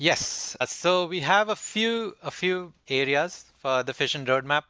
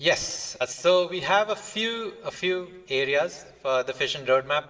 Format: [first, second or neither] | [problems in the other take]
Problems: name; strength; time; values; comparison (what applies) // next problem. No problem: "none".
first | room echo; dies away in 2.3 s